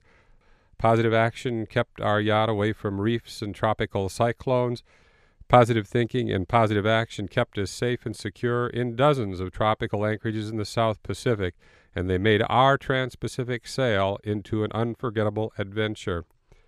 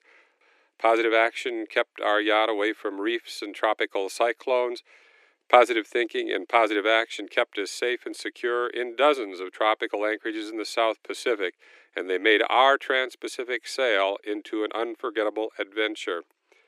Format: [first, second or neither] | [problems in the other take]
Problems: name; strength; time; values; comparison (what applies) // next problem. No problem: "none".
first | thin; very; fading below 300 Hz